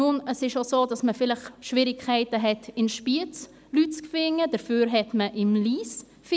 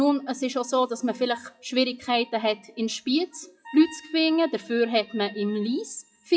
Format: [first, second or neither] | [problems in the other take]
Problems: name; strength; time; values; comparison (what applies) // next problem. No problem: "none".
first | noise reduction (classical method WPE with log-MMSE)